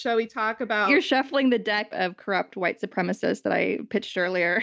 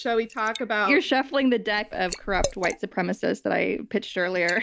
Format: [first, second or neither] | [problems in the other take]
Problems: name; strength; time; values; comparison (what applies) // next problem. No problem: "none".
first | background sound (Liquid); 13 dB below the speech